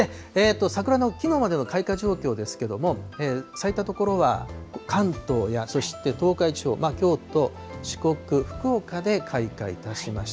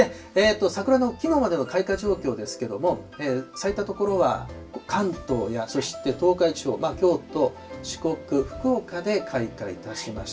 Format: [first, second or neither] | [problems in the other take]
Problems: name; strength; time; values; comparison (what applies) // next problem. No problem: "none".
first | room echo; dies away in 0.2 s